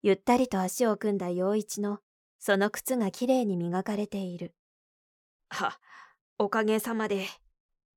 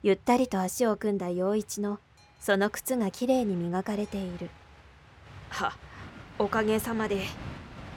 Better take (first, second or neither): first